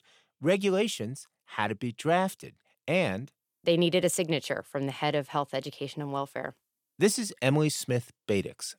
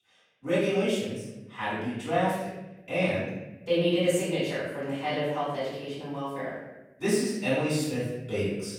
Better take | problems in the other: first | off-mic speech; far // room echo; strong; dies away in 1 s

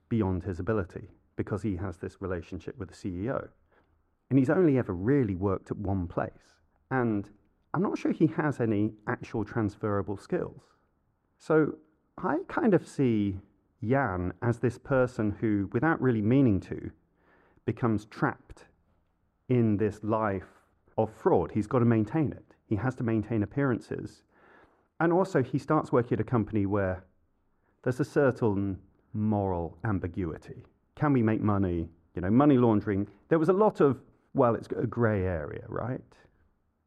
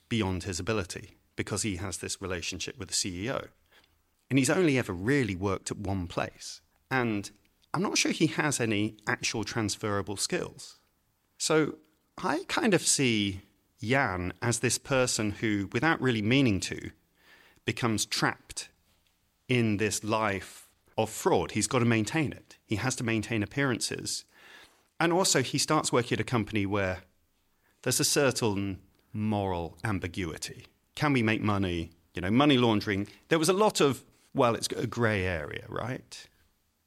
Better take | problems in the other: second | muffled; very; fading above 2 kHz

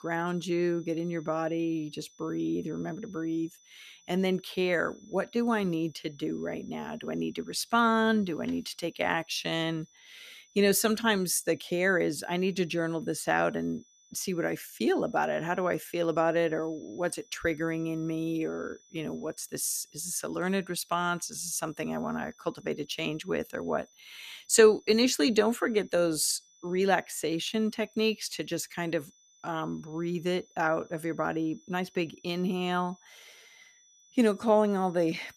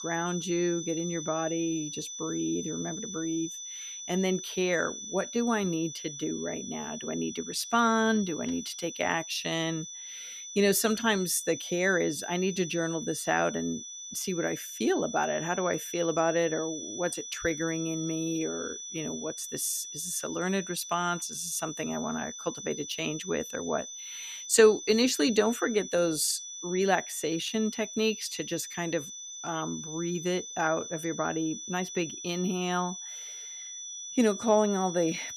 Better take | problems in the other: first | high-pitched whine; loud; throughout; 6 kHz, 8 dB below the speech; faint in the first

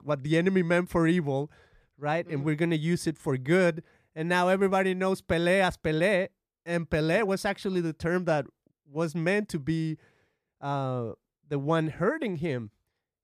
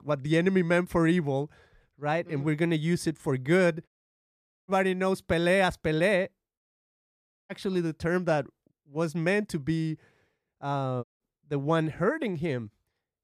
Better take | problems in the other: first | audio cutting out; at 4 s for 1 s, at 6.5 s for 1 s and at 11 s

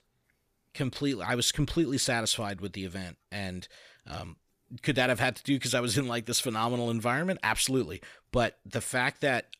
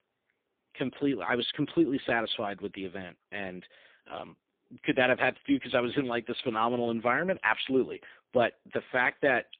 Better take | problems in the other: first | phone-call audio; poor line; nothing above 3.5 kHz

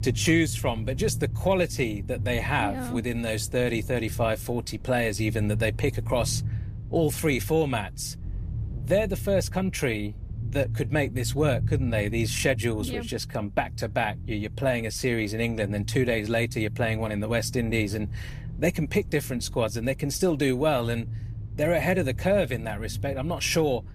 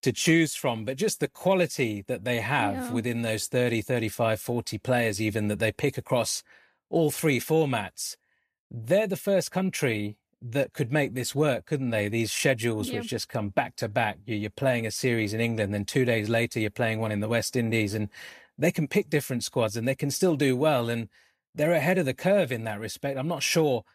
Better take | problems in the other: second | low rumble; faint; throughout; 20 dB below the speech

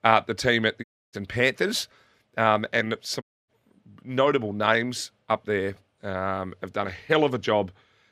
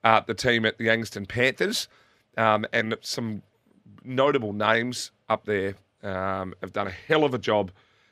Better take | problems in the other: second | audio cutting out; at 1 s and at 3 s

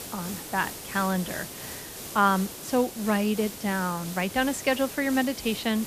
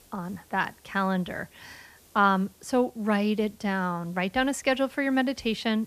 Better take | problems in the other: second | hiss; loud; throughout; 10 dB below the speech; faint in the second

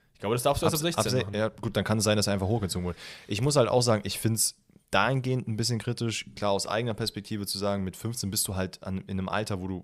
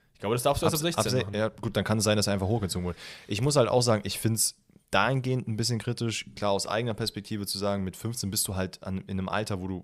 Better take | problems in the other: neither | none

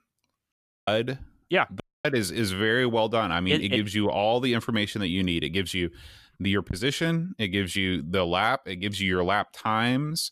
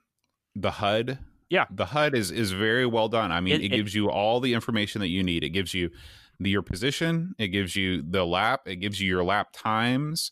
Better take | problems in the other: second | audio cutting out; at 0.5 s and at 2 s

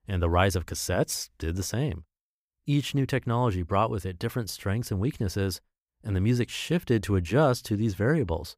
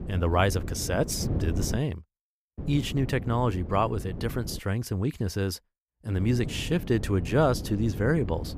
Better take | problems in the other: first | wind noise on the microphone; occasional gusts; until 2 s, from 2.5 to 4.5 s and from 6 s on; 15 dB below the speech

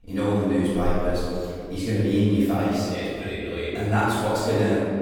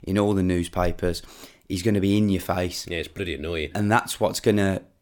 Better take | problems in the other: second | room echo; strong; dies away in 2.2 s // off-mic speech; far

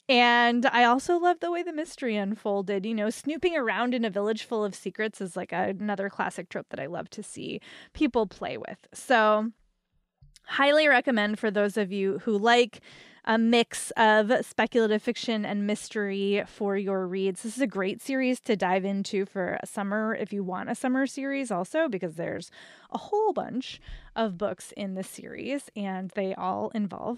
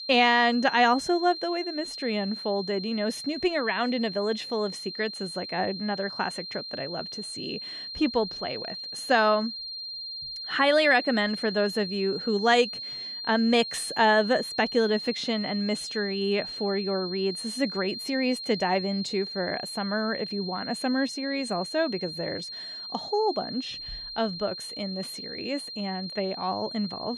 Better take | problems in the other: first | high-pitched whine; loud; throughout; 4 kHz, 8 dB below the speech

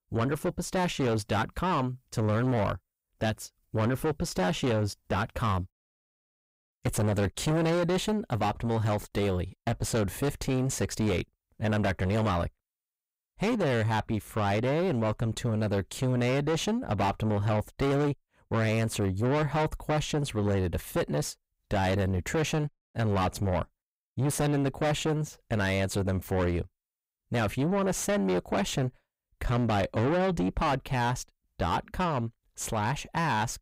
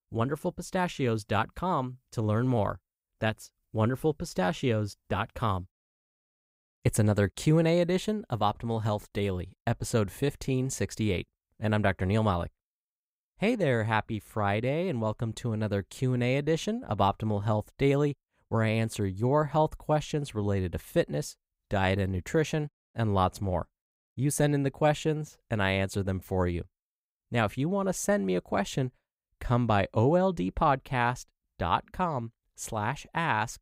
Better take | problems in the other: second | distortion; heavy; 5 dB below the speech

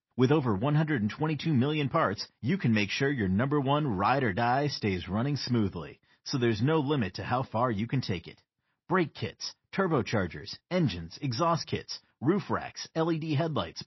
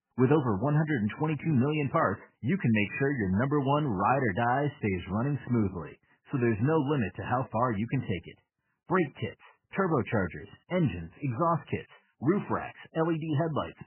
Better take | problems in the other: first | garbled, watery; badly; nothing above 3 kHz; slightly in the first

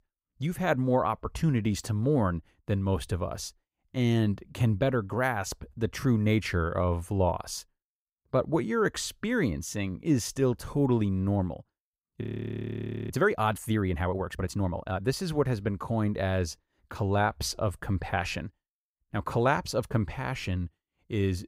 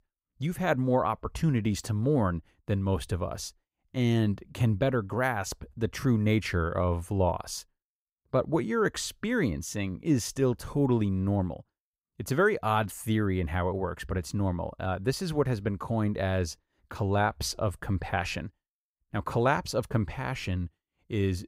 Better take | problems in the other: second | audio freezing; at 12 s for 1 s

